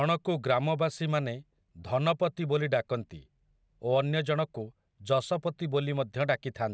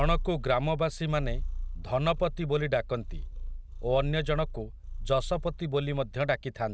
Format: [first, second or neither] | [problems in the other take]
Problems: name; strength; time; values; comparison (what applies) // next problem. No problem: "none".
first | background sound (Purr); 5 dB below the speech